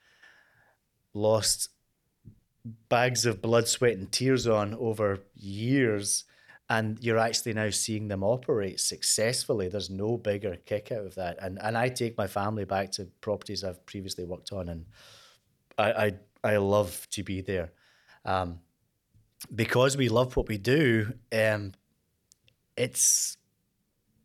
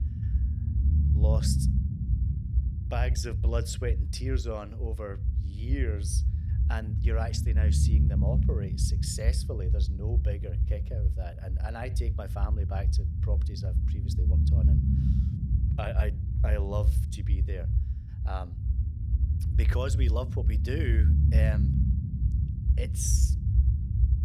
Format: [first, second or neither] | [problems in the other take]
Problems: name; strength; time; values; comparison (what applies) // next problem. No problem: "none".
first | low rumble; loud; throughout; 5 dB below the speech